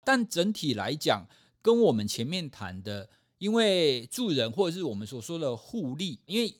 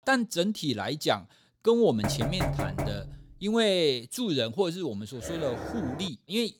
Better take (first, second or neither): first